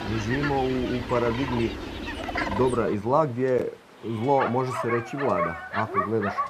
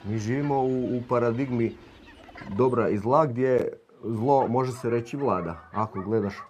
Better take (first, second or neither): second